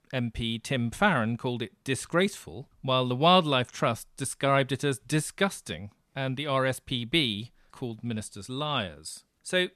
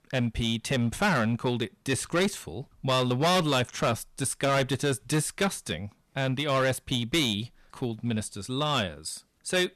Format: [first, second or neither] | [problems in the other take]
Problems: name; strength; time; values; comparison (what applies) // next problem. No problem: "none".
first | distortion; heavy; 9% of the sound clipped